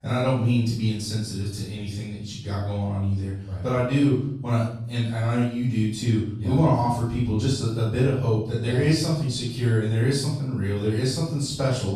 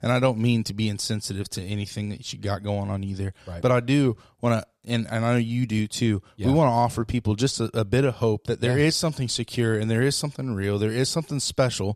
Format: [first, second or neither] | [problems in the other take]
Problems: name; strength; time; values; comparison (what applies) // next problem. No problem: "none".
second | off-mic speech; far // room echo; noticeable; dies away in 0.7 s